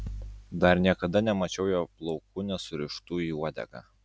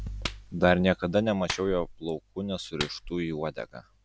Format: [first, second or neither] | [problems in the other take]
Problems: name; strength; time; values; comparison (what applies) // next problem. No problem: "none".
first | background sound (Clapping); 13 dB below the speech